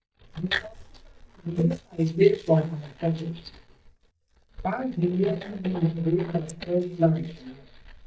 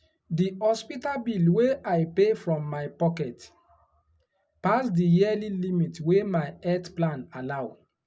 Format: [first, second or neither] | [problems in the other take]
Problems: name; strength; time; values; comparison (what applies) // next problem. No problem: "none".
second | noise reduction (neural mask model DeepFilterNet 3)